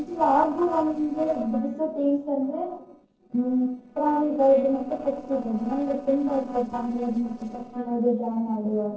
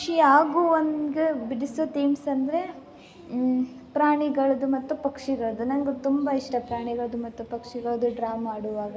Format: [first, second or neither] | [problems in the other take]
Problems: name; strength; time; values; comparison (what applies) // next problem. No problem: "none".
second | noise reduction (neural separator model SepFormer DNS4)